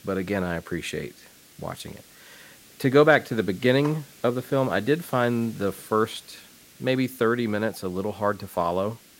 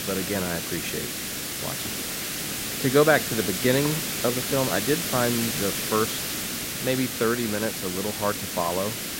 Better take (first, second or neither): first